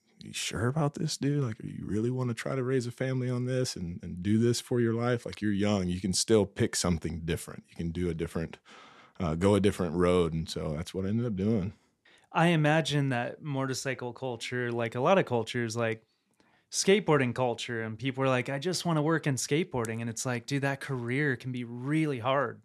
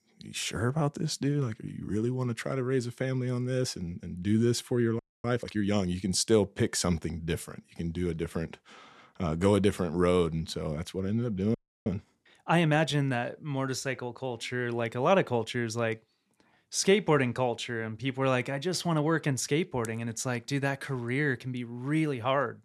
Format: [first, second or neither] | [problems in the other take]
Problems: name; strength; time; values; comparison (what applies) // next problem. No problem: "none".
first | audio freezing; at 5 s and at 12 s